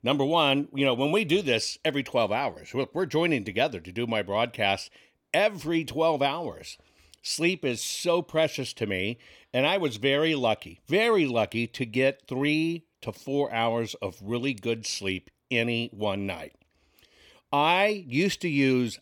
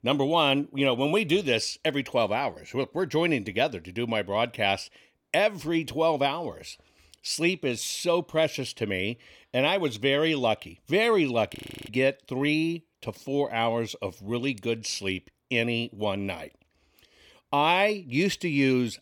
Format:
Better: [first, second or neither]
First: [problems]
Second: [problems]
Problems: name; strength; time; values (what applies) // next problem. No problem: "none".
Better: first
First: none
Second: audio freezing; at 12 s